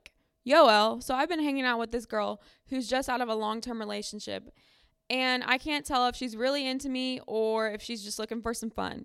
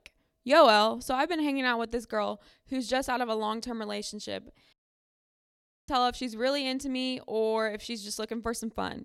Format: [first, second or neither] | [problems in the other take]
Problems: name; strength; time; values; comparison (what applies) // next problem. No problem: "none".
first | audio cutting out; at 4.5 s for 1 s